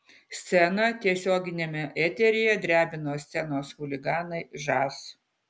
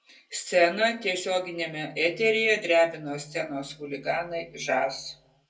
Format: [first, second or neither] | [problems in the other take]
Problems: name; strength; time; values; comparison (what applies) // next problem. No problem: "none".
first | room echo; dies away in 0.2 s